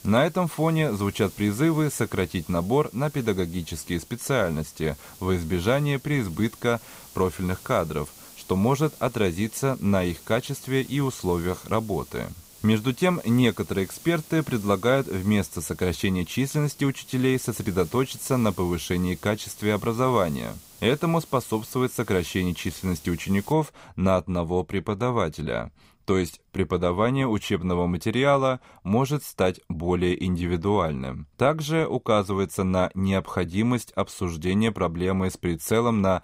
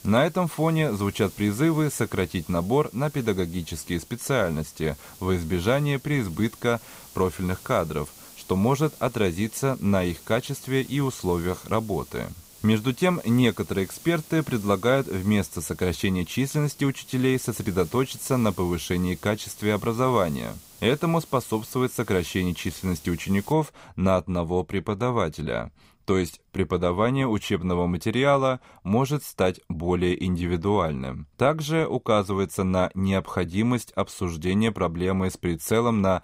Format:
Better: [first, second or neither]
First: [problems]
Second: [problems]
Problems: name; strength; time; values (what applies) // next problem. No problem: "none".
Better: neither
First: hiss; noticeable; until 24 s; 20 dB below the speech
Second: hiss; noticeable; until 24 s; 20 dB below the speech